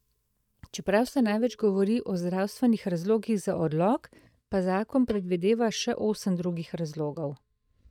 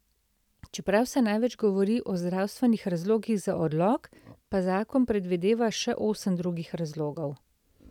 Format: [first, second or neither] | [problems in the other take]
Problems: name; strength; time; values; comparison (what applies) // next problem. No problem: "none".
second | noise reduction (neural mask model DeepFilterNet 3)